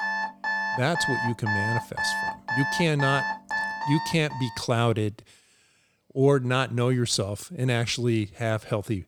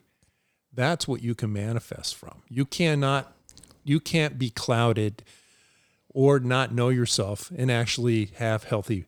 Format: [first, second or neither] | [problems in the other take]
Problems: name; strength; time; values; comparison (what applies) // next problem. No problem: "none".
second | alarms or sirens; loud; until 4 s; 2 dB below the speech